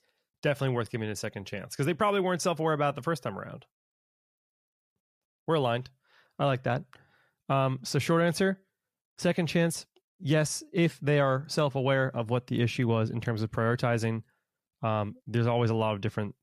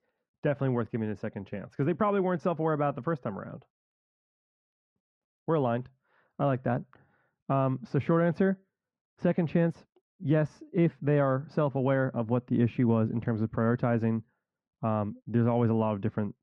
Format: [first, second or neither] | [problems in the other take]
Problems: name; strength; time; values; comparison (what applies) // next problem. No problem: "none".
first | muffled; very; fading above 1.5 kHz